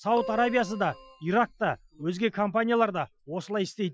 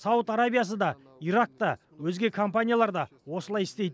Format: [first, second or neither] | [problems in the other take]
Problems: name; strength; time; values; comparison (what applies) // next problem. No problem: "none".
second | noise reduction (classical method Wiener filter)